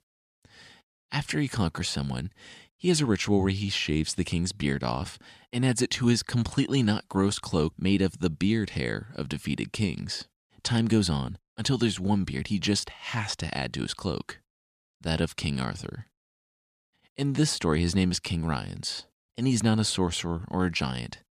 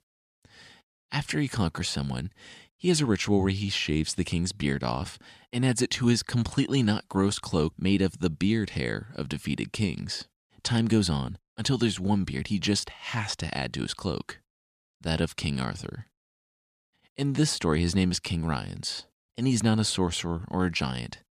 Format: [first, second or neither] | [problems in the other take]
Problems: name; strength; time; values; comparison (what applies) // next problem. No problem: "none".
neither | none